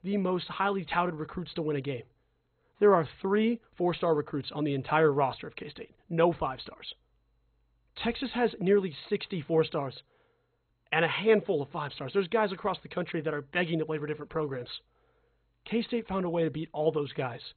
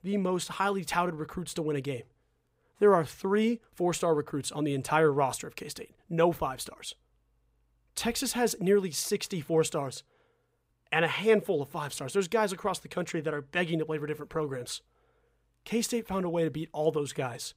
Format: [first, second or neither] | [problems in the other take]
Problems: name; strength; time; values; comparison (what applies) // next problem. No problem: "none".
second | garbled, watery; badly; nothing above 4 kHz